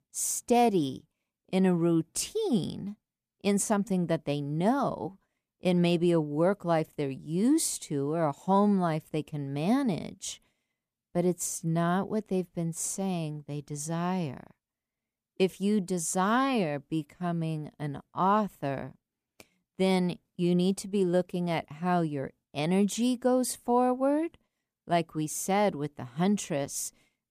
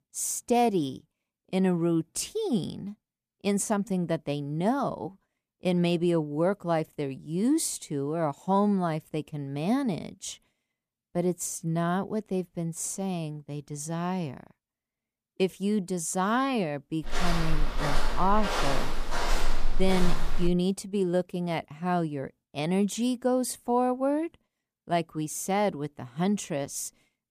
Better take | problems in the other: first | footsteps; noticeable; from 17 to 21 s; peak level with the speech

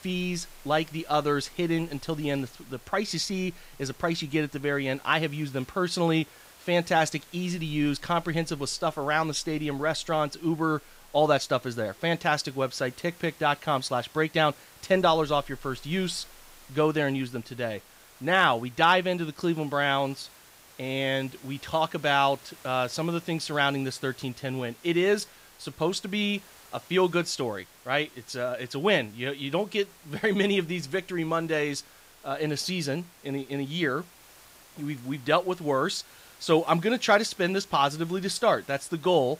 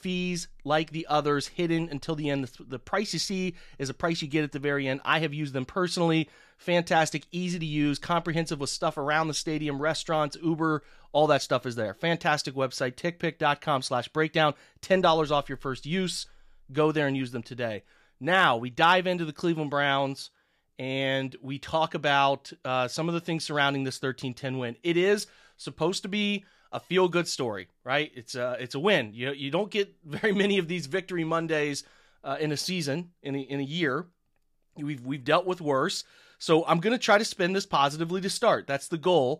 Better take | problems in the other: second | hiss; faint; throughout; 25 dB below the speech

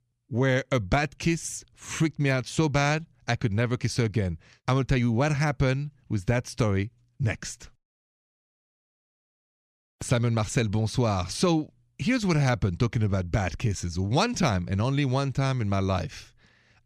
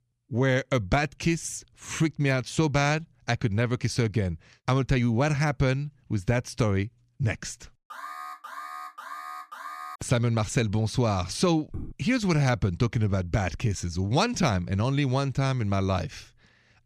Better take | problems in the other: first | alarm; faint; from 8 to 10 s; peak 10 dB below the speech // footsteps; faint; at 12 s; peak 15 dB below the speech

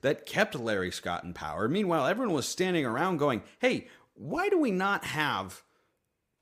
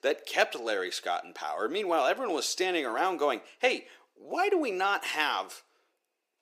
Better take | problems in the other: first | thin; somewhat; fading below 350 Hz

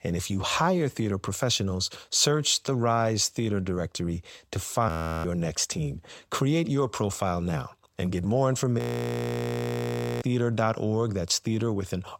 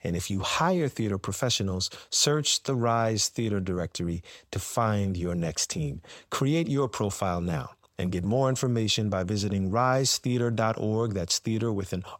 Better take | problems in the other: second | audio freezing; at 5 s and at 9 s for 1.5 s

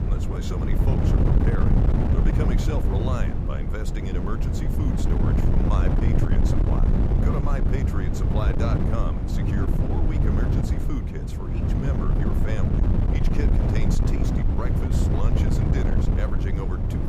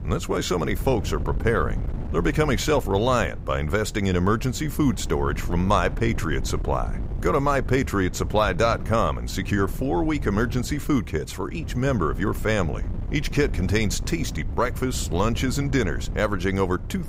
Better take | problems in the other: second | wind noise on the microphone; heavy; 3 dB above the speech; occasional gusts in the second

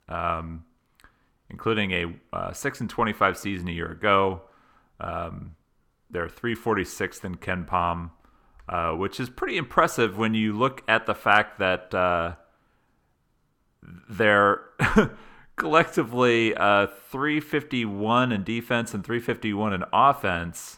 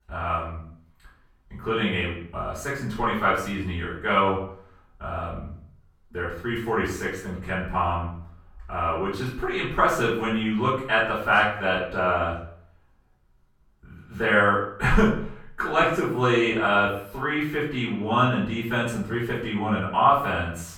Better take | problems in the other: first | off-mic speech; far // room echo; noticeable; dies away in 0.5 s

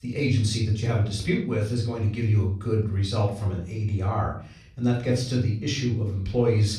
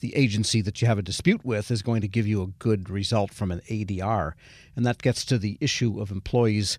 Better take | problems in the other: second | off-mic speech; far // room echo; noticeable; dies away in 0.5 s

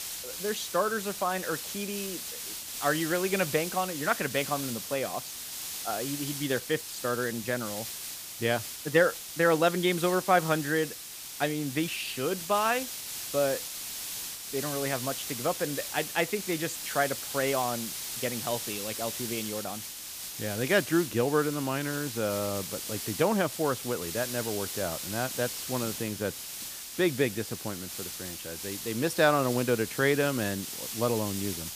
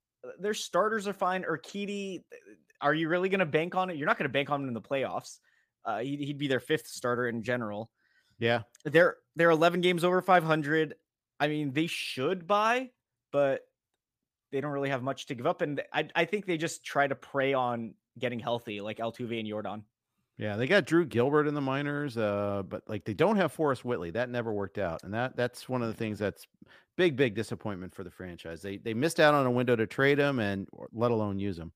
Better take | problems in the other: second | hiss; loud; throughout; 6 dB below the speech

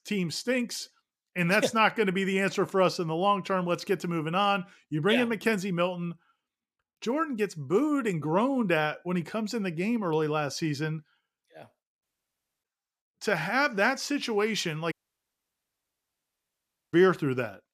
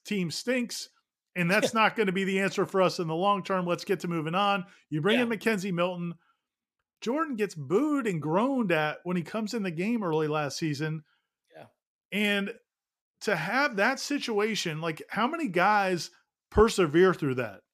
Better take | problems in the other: second | audio cutting out; at 12 s for 0.5 s and at 15 s for 2 s

